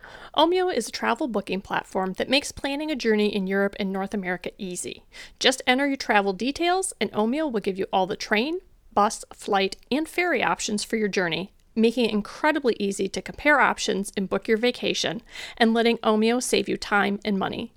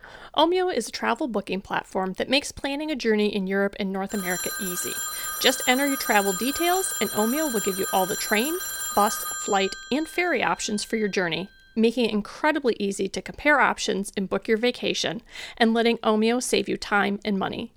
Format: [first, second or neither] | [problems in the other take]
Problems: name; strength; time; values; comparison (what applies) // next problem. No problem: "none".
first | phone ringing; noticeable; from 4 to 11 s; peak 3 dB below the speech